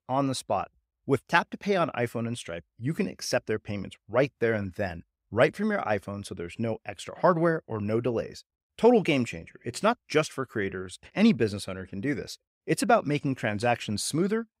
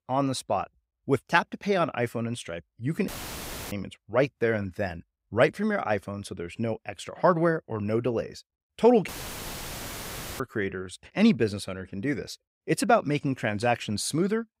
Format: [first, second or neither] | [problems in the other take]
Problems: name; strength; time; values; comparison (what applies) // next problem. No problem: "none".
first | audio cutting out; filled with static; at 3 s for 0.5 s and at 9 s for 1.5 s